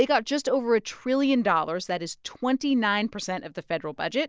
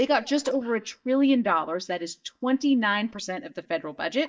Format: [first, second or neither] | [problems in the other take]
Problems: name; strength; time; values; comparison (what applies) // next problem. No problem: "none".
first | noise reduction (neural mask model DeepFilterNet 3)